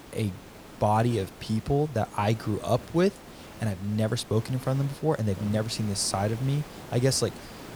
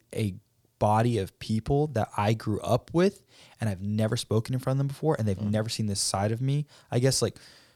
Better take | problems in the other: second | hiss; noticeable; throughout; 15 dB below the speech

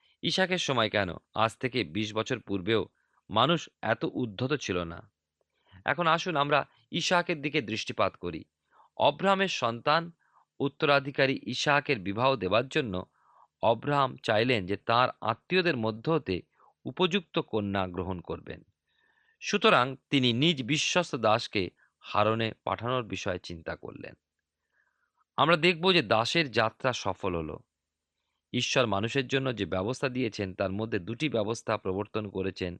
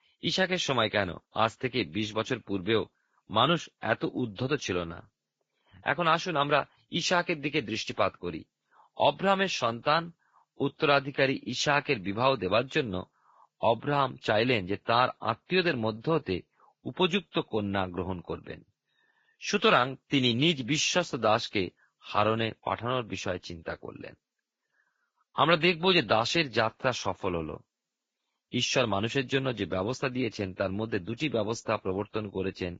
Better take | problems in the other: first | garbled, watery; badly

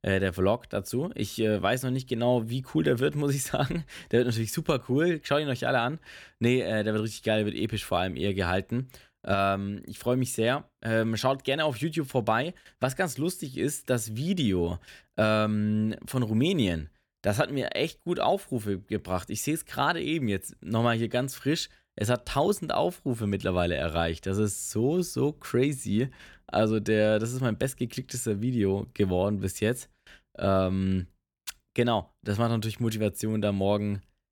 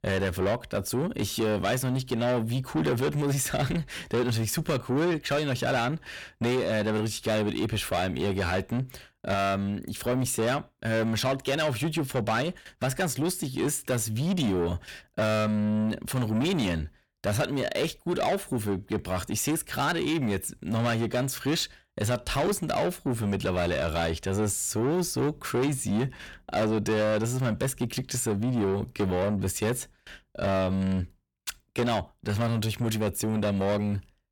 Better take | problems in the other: first | distortion; heavy; 7 dB below the speech

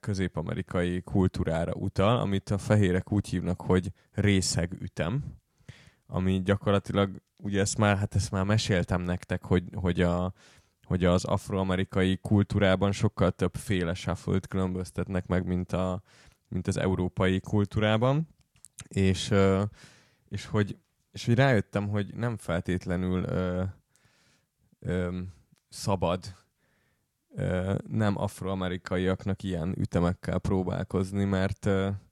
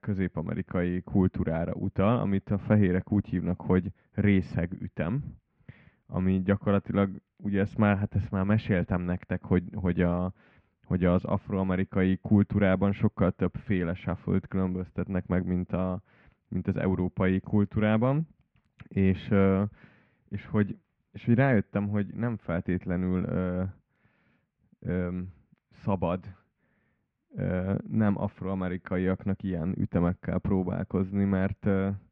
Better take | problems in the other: first | muffled; very; fading above 2.5 kHz

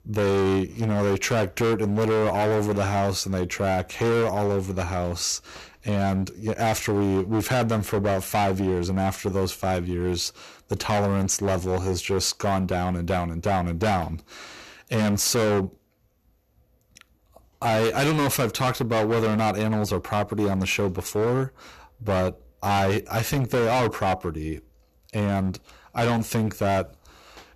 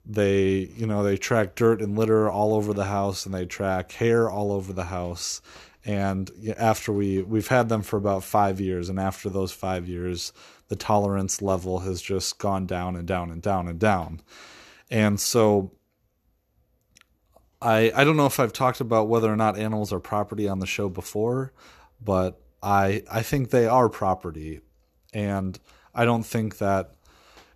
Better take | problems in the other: second | distortion; heavy; 18% of the sound clipped

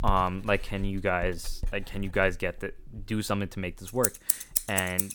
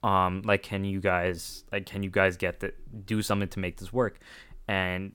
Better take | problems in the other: second | household noises; very loud; throughout; as loud as the speech

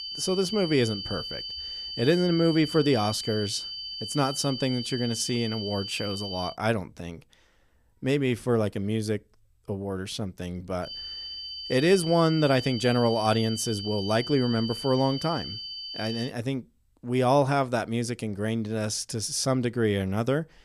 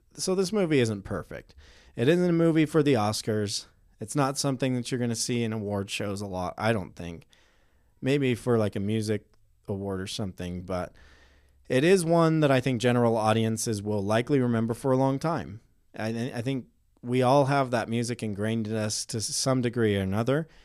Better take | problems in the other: second | high-pitched whine; loud; until 6.5 s and from 11 to 16 s; 4.5 kHz, 7 dB below the speech

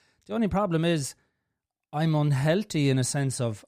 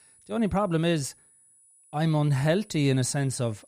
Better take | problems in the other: first | high-pitched whine; faint; throughout; 10.5 kHz, 30 dB below the speech

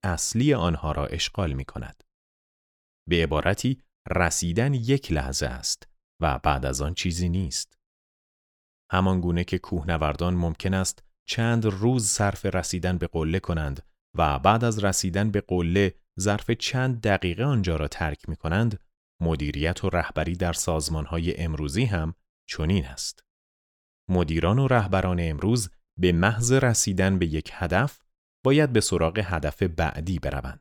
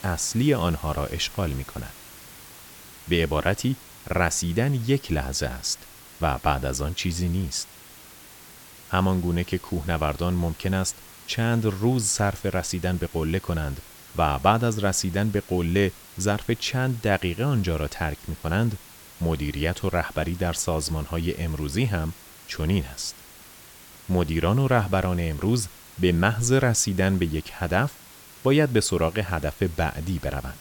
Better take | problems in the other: first | hiss; noticeable; throughout; 20 dB below the speech

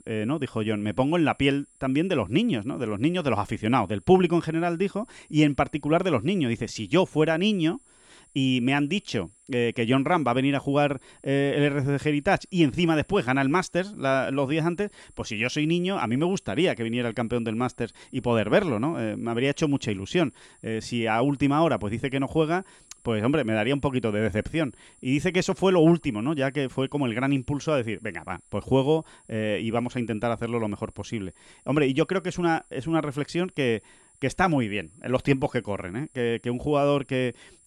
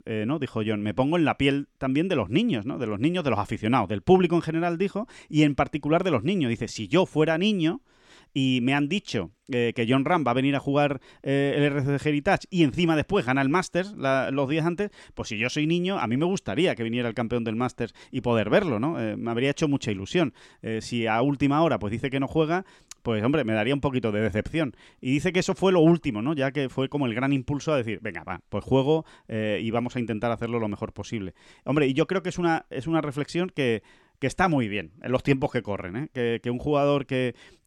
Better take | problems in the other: second | high-pitched whine; faint; throughout; 9.5 kHz, 30 dB below the speech

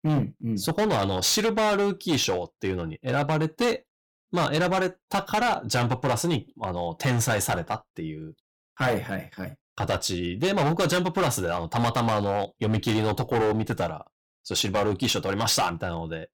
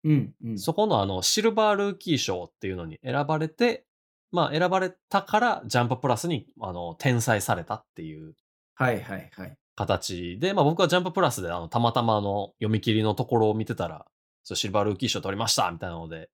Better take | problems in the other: second | distortion; heavy; 13% of the sound clipped

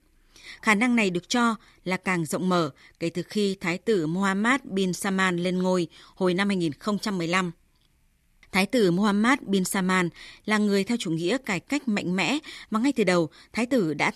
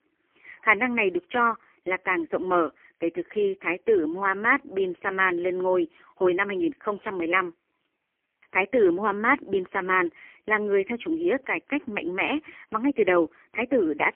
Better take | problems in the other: first | phone-call audio; poor line

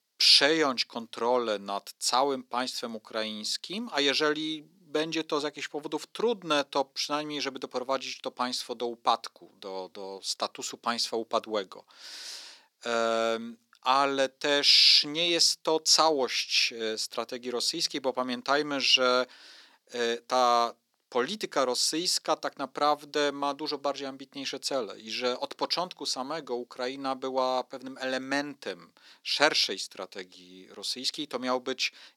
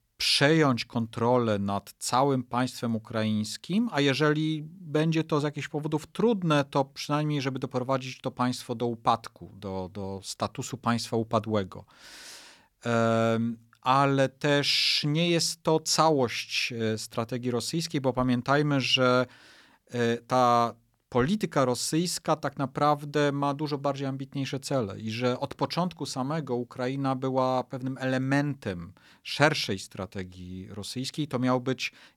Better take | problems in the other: second | thin; somewhat; fading below 300 Hz

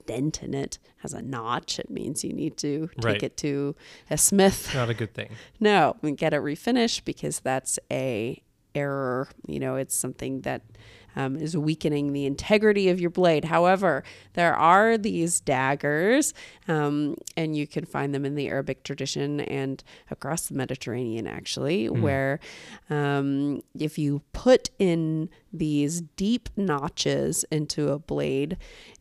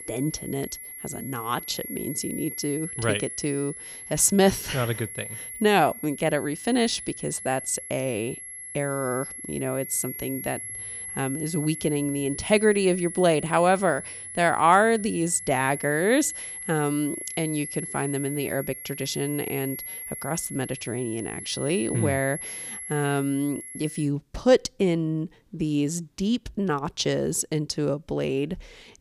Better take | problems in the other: first | high-pitched whine; loud; until 24 s; 11.5 kHz, 9 dB below the speech

